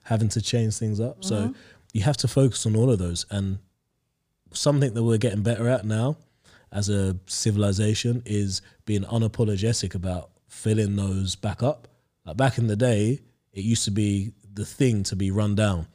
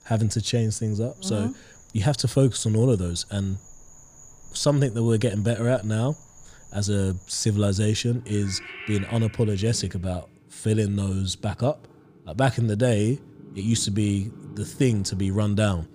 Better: first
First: none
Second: animal sounds; faint; throughout; 20 dB below the speech

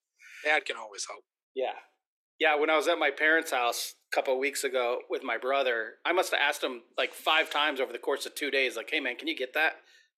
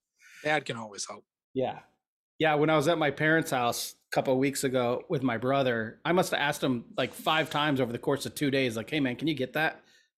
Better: second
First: thin; very; fading below 350 Hz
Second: none

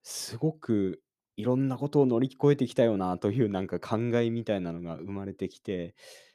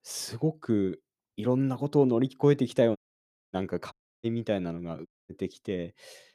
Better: first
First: none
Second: audio cutting out; at 3 s for 0.5 s, at 4 s and at 5 s

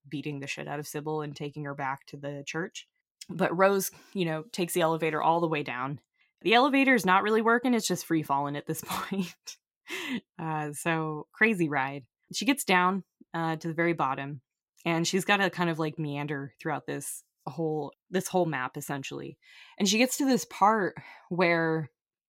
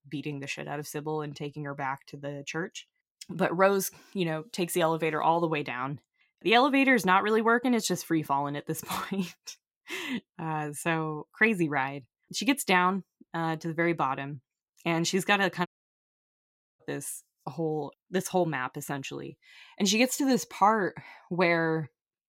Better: first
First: none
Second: audio cutting out; at 16 s for 1 s

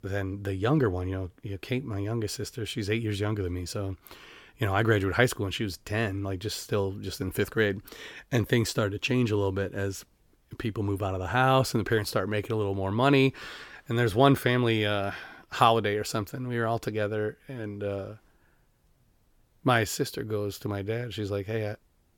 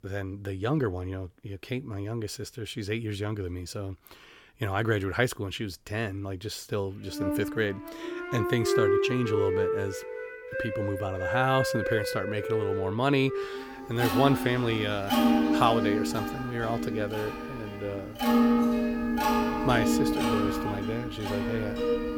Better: first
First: none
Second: background music; very loud; from 7 s on; 1 dB above the speech

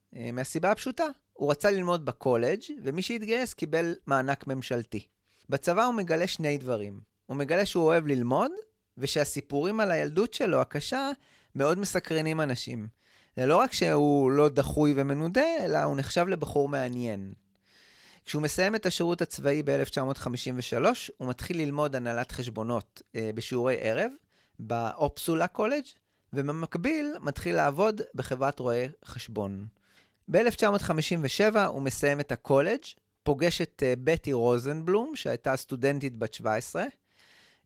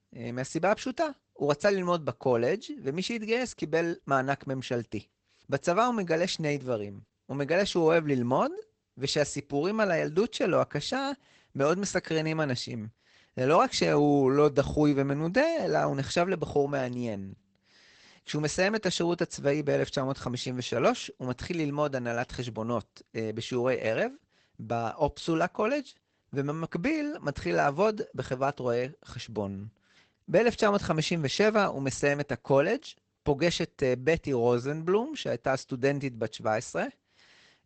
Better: first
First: garbled, watery; slightly; nothing above 17.5 kHz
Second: garbled, watery; badly; nothing above 8 kHz

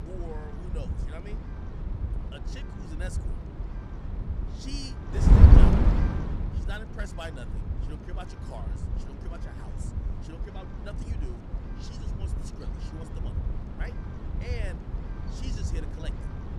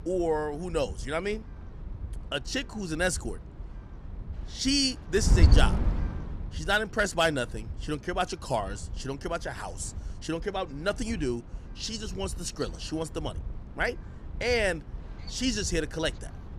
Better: second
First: wind noise on the microphone; heavy; 4 dB above the speech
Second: wind noise on the microphone; occasional gusts; 15 dB below the speech

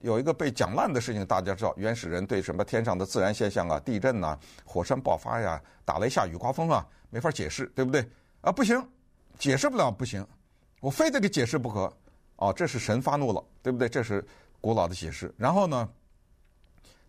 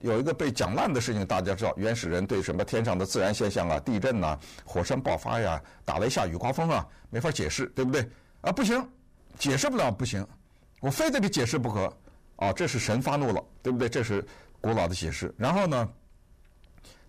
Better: first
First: none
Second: distortion; heavy; 7 dB below the speech

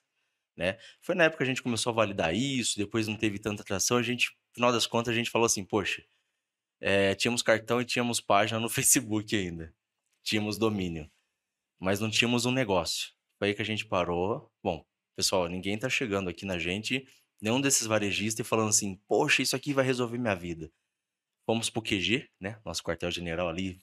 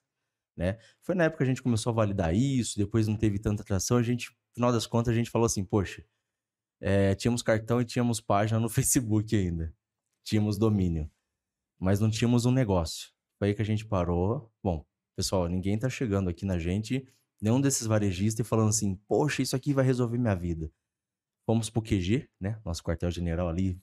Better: second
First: thin; somewhat; fading below 1 kHz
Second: none

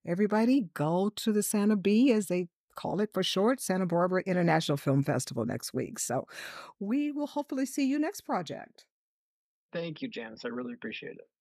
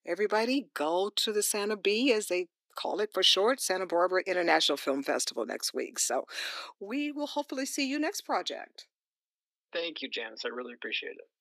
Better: first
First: none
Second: thin; somewhat; fading below 300 Hz

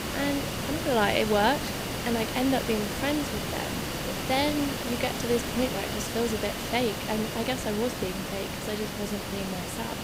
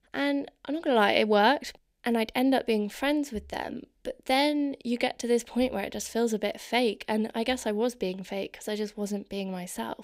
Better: second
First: hiss; loud; throughout; 2 dB below the speech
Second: none

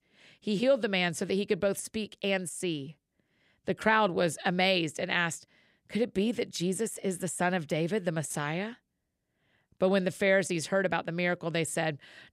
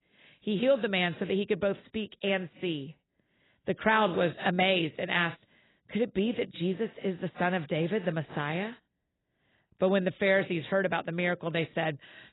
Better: first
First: none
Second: garbled, watery; badly; nothing above 4 kHz

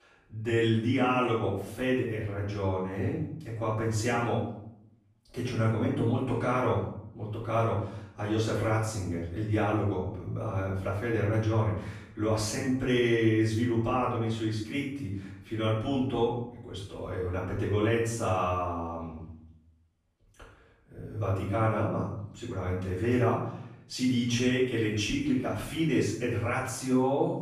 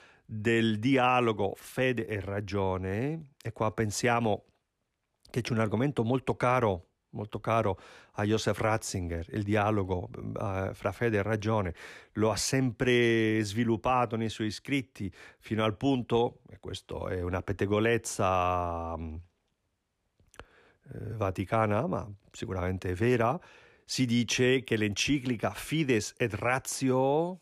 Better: second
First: room echo; noticeable; dies away in 0.7 s // off-mic speech; far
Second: none

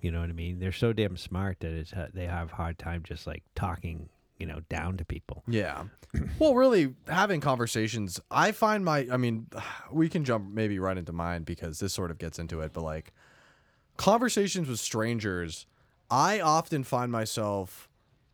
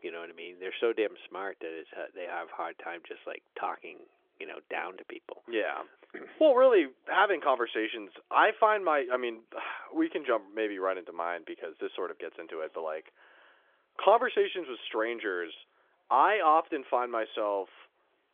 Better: first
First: none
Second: phone-call audio; nothing above 3.5 kHz

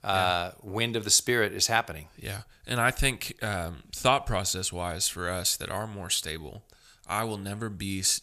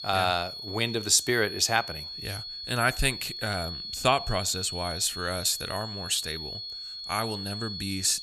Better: first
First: none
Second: high-pitched whine; loud; throughout; 4.5 kHz, 8 dB below the speech

